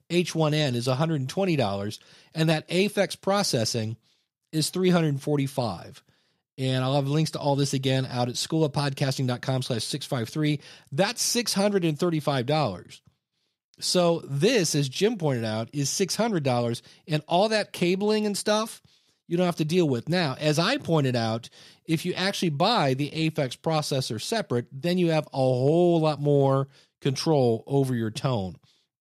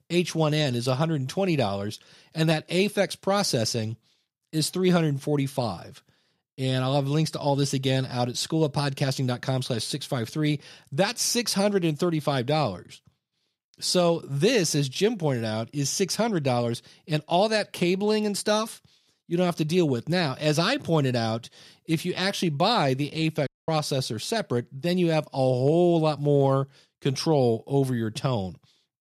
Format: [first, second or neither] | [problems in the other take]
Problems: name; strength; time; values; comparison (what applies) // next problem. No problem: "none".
first | audio cutting out; at 23 s